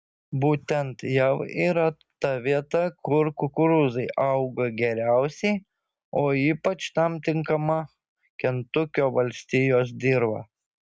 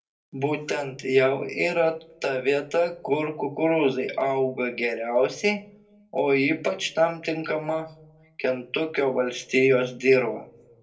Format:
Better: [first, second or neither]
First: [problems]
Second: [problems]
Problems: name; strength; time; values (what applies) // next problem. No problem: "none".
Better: first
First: none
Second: room echo; dies away in 0.2 s